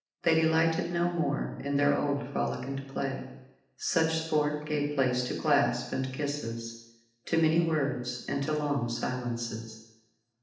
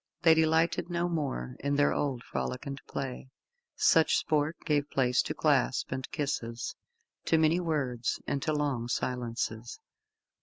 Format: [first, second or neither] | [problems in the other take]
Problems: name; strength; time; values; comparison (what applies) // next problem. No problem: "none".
second | room echo; dies away in 0.8 s